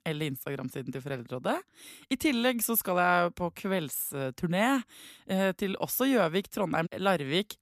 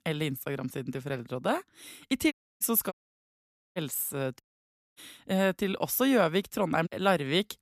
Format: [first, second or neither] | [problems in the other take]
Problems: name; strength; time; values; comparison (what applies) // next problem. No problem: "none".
first | audio cutting out; at 2.5 s, at 3 s for 1 s and at 4.5 s for 0.5 s